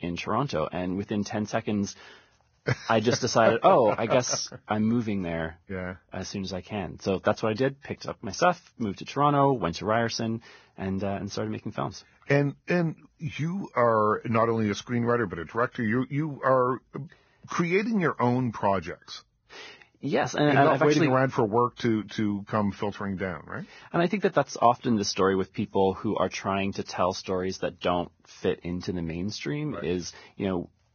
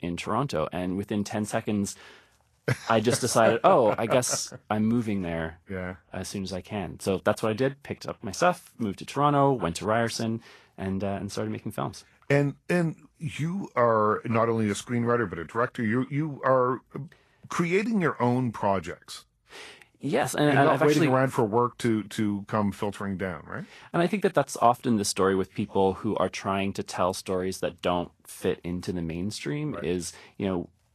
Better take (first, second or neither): second